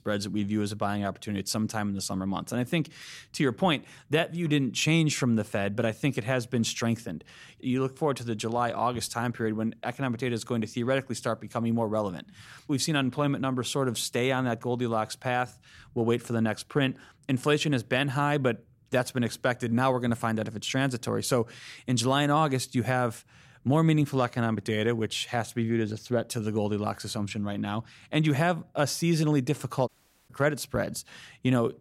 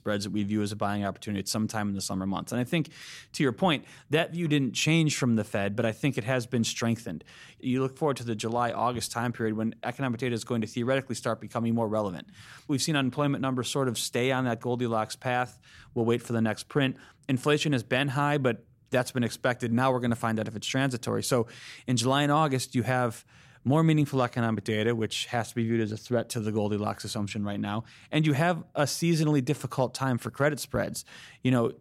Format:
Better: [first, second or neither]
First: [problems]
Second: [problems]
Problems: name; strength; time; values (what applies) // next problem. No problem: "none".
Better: second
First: audio cutting out; at 30 s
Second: none